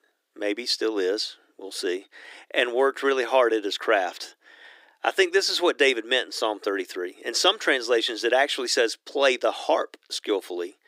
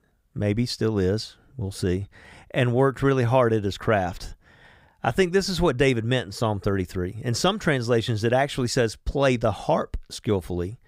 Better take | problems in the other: second | thin; very; fading below 300 Hz

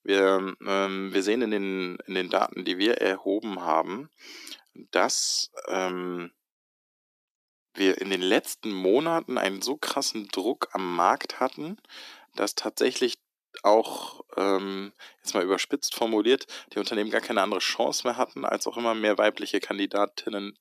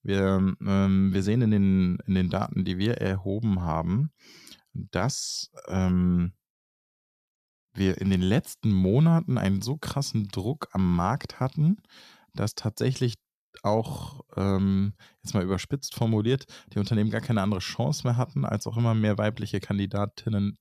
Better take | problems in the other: second | thin; very; fading below 300 Hz

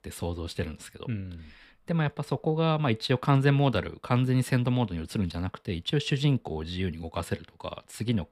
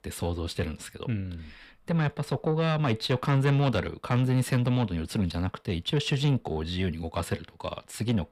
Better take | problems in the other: first | distortion; slight; 10 dB below the speech

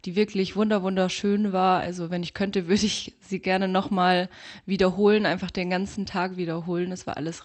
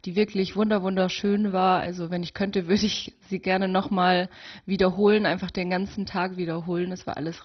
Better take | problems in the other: first | garbled, watery; badly; nothing above 6 kHz; slightly in the first

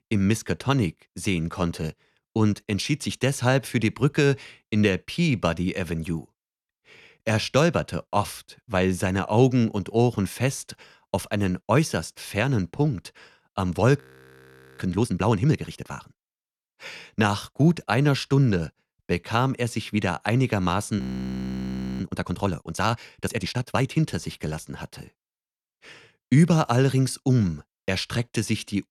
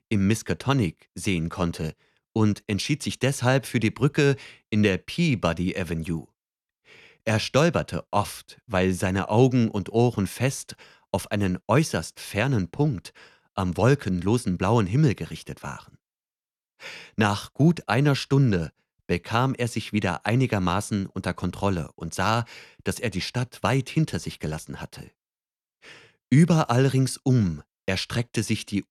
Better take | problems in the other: second | audio freezing; at 14 s for 1 s and at 21 s for 1 s

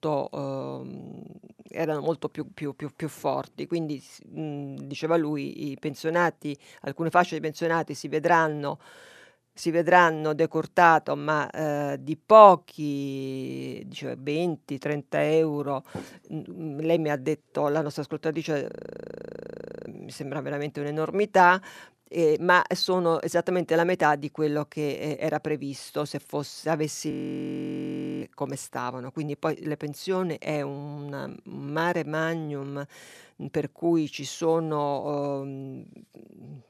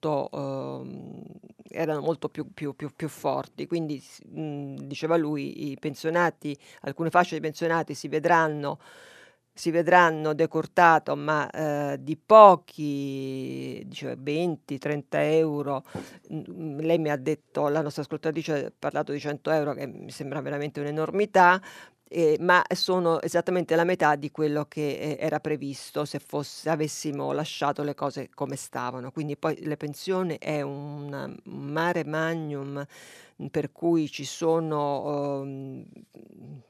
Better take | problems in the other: second | audio freezing; at 19 s for 1 s and at 27 s for 1 s

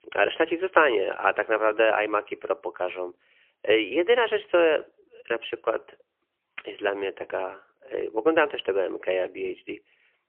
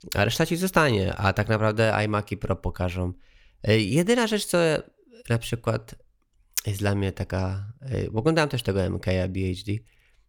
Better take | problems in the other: second | phone-call audio; poor line; nothing above 3 kHz

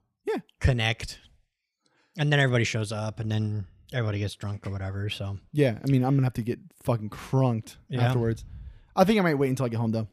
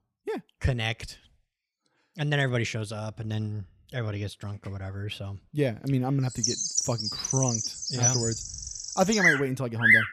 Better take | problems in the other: first | animal sounds; very loud; from 6.5 s on; 4 dB above the speech

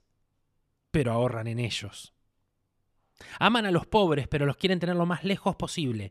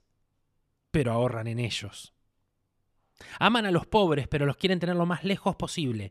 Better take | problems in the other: neither | none

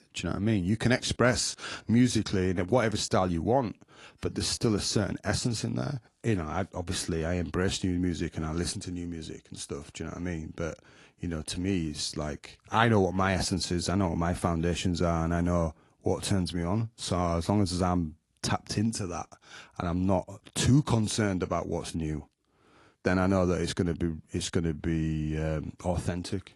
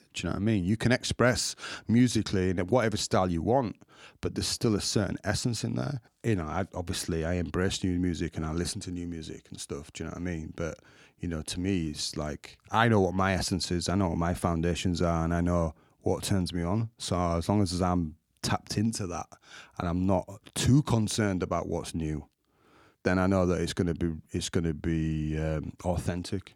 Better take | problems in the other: second | garbled, watery; slightly; nothing above 11 kHz

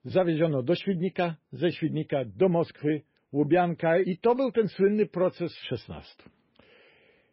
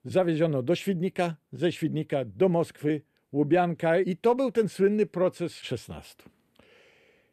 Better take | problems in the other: second | garbled, watery; badly; nothing above 5.5 kHz

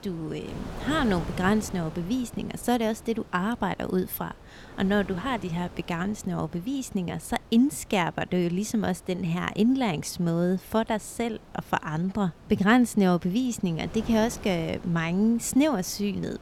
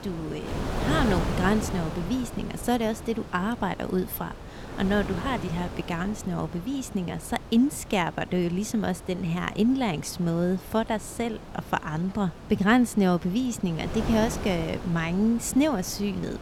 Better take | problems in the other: first | wind noise on the microphone; heavy; 10 dB below the speech; occasional gusts in the first

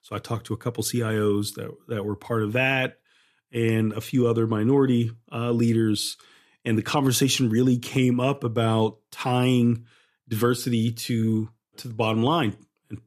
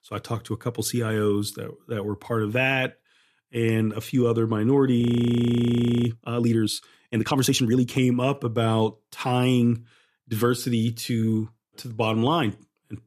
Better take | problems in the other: first | audio freezing; at 5 s for 1 s

